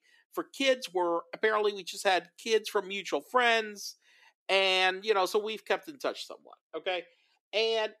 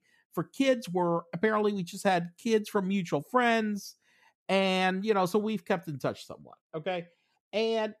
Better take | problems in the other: second | thin; somewhat; fading below 350 Hz

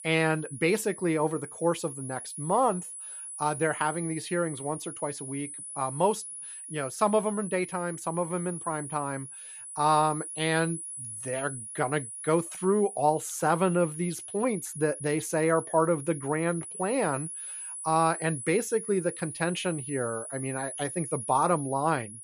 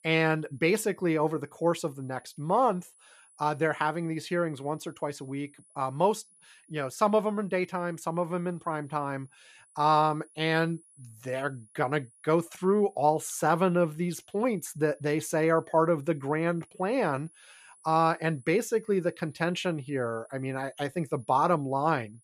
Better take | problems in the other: second | high-pitched whine; loud; throughout; 10.5 kHz, 9 dB below the speech; faint in the second

